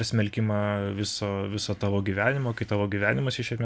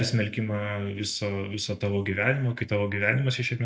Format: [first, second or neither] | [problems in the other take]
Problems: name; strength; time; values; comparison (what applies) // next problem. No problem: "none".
first | noise reduction (neural mask model DeepFilterNet 3)